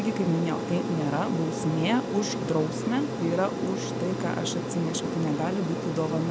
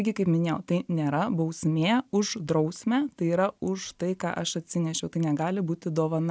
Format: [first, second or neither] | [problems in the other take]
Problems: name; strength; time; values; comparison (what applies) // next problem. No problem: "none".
second | background sound (Aircraft); 3 dB below the speech